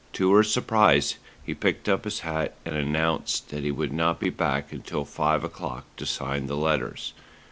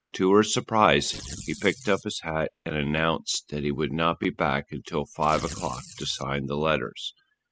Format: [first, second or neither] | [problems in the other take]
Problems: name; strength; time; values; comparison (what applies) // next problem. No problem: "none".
first | noise reduction (classical method spectral subtraction)